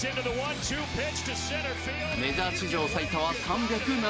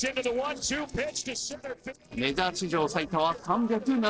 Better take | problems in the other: first | noise reduction (neural separator model SepFormer DNS4)

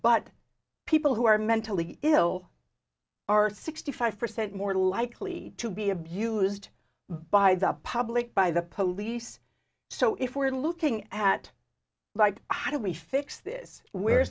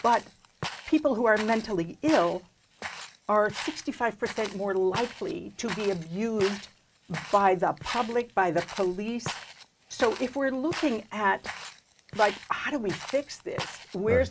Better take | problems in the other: first | background sound (Walk, footsteps); 13 dB below the speech

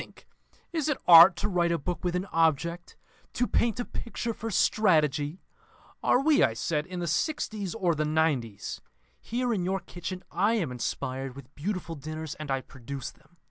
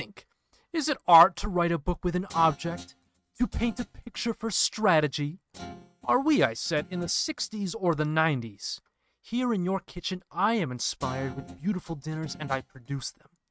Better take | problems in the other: first | noise reduction (neural mask model RNNoise)

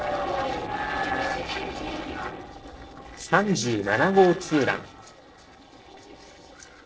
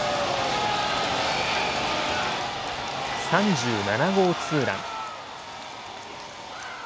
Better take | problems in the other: second | noise reduction (neural separator model SepFormer DNS4)

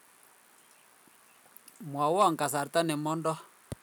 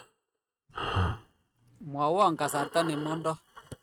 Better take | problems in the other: first | noise reduction (neural mask model RNNoise)

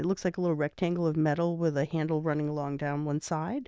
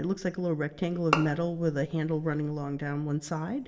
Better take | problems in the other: first | background sound (Bowed string instrument); 6 dB below the speech // room echo; dies away in 1 s

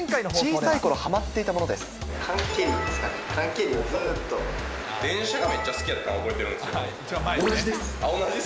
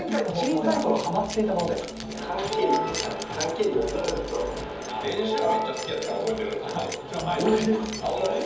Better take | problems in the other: first | background sound (Keys jangling); 15 dB below the speech // room echo; dies away in 0.7 s

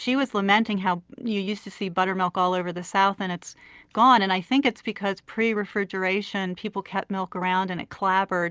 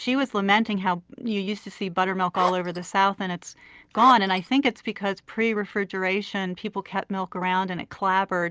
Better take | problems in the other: first | background sound (Zipper (clothing)); 7 dB below the speech

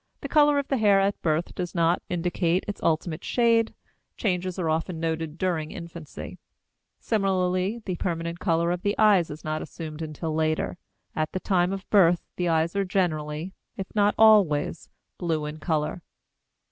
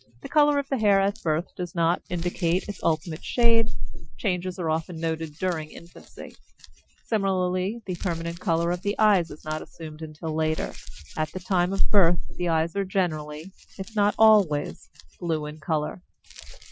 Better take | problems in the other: first | noise reduction (classical method Wiener filter)

